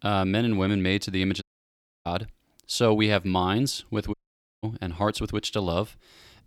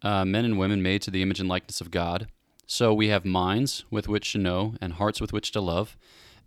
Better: second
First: audio cutting out; at 1.5 s for 0.5 s and at 4 s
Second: none

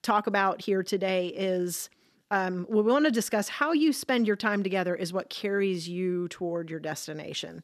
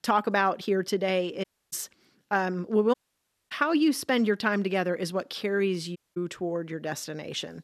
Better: first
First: none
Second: audio cutting out; at 1.5 s, at 3 s for 0.5 s and at 6 s

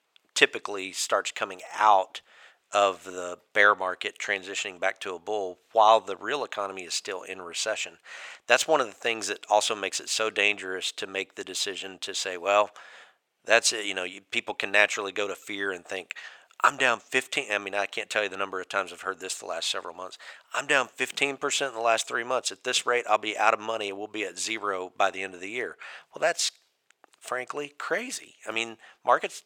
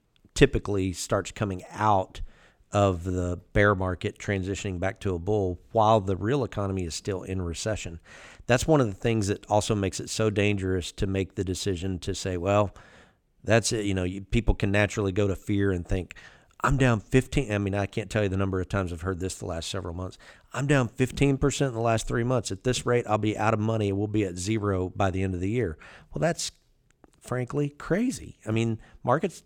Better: second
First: thin; very; fading below 750 Hz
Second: none

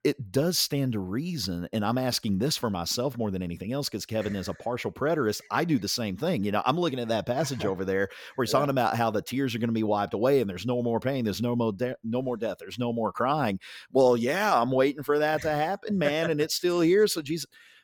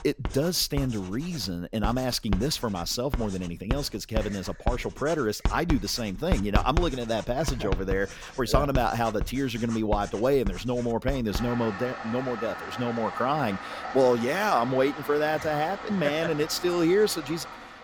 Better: first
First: none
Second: household noises; loud; throughout; 9 dB below the speech

